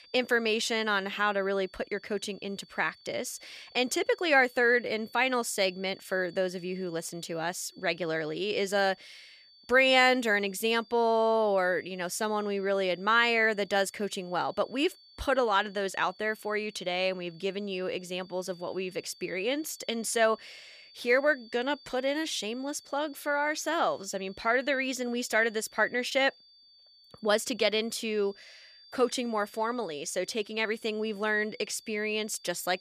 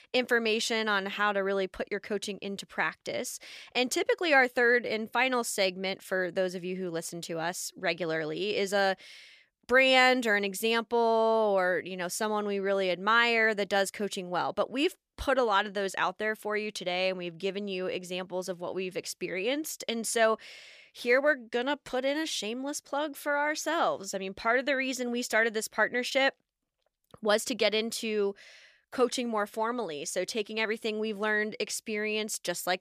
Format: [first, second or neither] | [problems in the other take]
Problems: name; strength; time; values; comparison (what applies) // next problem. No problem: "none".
second | high-pitched whine; faint; throughout; 4.5 kHz, 25 dB below the speech